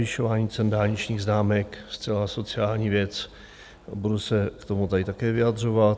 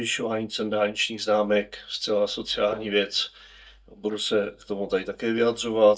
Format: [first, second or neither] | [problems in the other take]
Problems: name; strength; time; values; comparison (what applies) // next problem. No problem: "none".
first | noise reduction (neural mask model DeepFilterNet 3)